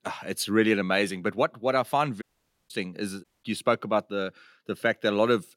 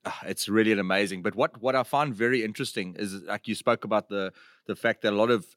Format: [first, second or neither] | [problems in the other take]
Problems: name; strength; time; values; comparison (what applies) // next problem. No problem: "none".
second | audio cutting out; at 2 s and at 3 s